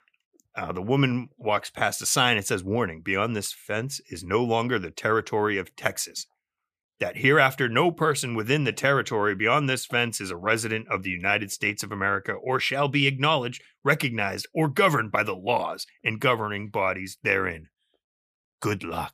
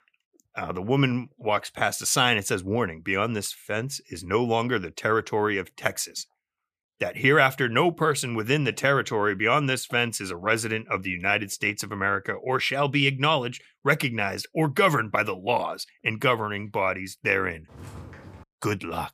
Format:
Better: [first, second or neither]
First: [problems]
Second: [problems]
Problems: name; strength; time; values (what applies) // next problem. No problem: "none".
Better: first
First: none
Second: footsteps; faint; at 18 s; peak 15 dB below the speech